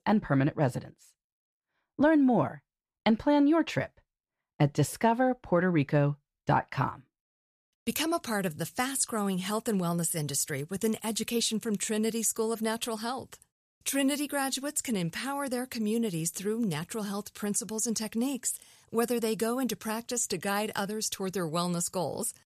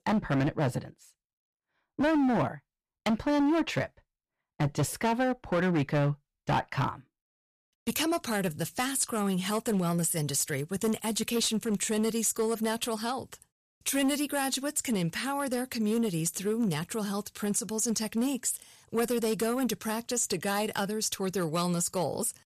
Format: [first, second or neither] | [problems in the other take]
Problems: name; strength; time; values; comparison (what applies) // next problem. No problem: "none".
first | distortion; slight; 8% of the sound clipped